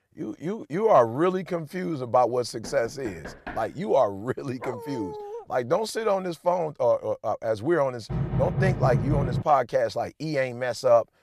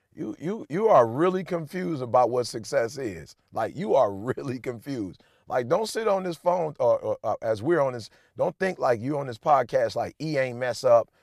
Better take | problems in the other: second | door banging; faint; from 2.5 to 3.5 s; peak 15 dB below the speech // dog barking; faint; at 4.5 s; peak 10 dB below the speech // door banging; loud; from 8 to 9.5 s; peak 1 dB above the speech

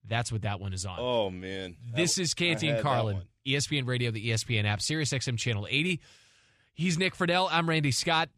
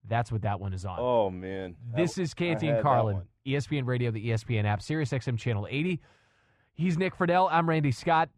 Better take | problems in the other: first | muffled; very; fading above 2.5 kHz

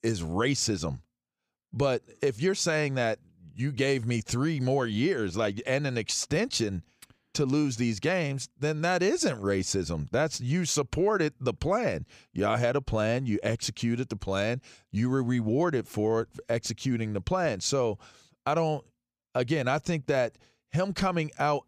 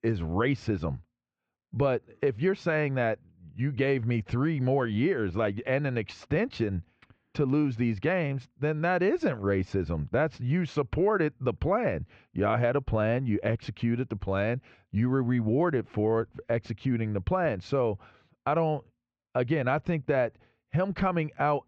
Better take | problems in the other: first | muffled; very; fading above 2.5 kHz

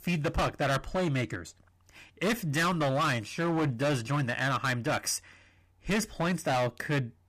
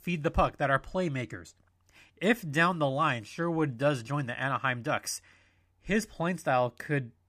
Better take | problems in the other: second | distortion; heavy; 17% of the sound clipped

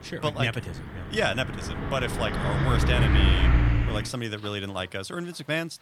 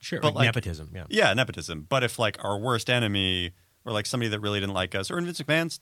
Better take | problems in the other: second | traffic noise; very loud; throughout; 4 dB above the speech

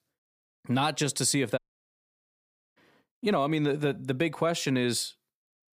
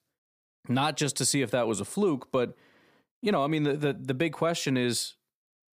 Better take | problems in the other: second | audio cutting out; at 1.5 s for 1 s

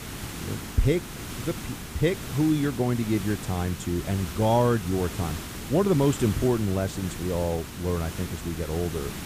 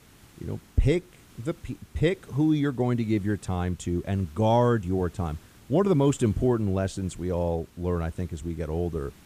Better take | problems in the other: second | hiss; loud; throughout; 9 dB below the speech; faint in the second

